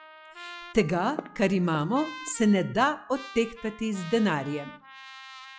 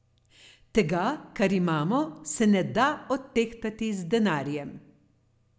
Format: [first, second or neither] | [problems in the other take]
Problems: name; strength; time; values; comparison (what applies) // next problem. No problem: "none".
second | noise reduction (classical method log-MMSE)